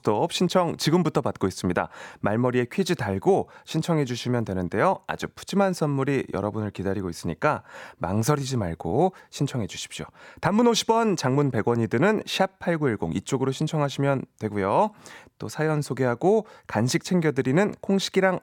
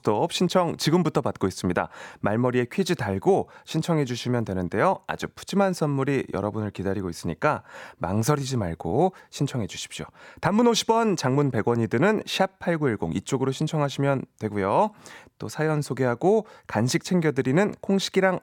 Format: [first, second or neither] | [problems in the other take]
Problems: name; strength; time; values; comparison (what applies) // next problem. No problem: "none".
neither | none